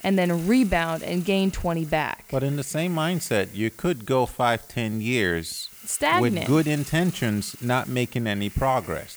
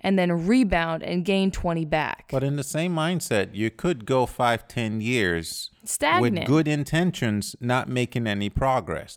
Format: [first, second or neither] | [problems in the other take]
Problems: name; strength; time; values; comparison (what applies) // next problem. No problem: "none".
second | hiss; noticeable; throughout; 20 dB below the speech